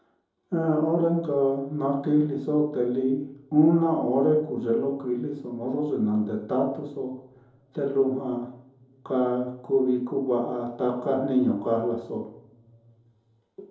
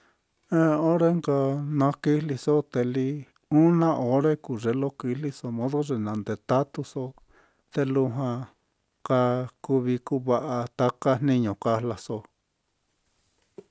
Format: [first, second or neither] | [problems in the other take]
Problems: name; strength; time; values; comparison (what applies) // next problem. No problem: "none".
second | room echo; dies away in 2.6 s